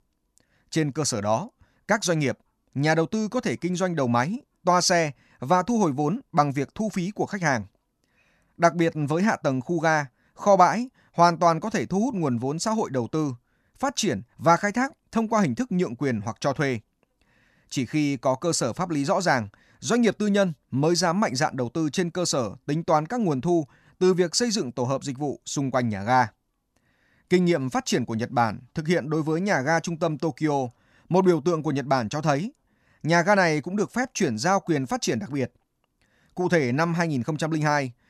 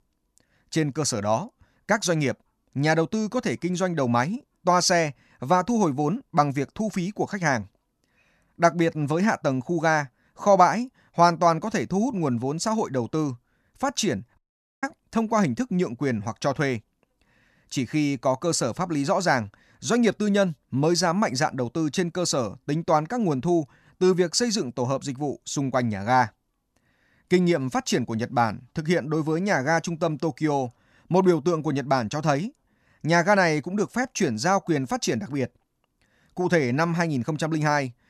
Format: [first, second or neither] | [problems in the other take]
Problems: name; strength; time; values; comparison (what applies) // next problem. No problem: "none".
first | audio cutting out; at 14 s